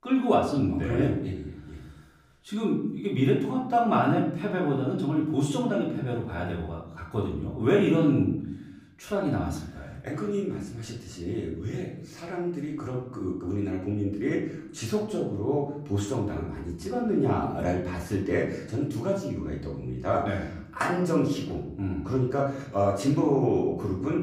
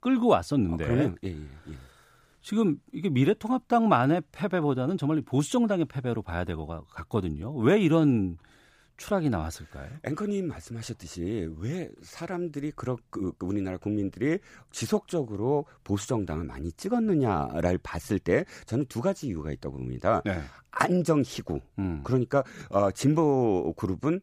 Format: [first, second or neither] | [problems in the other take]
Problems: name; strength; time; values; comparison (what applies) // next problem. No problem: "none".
second | room echo; slight; dies away in 0.6 s // off-mic speech; far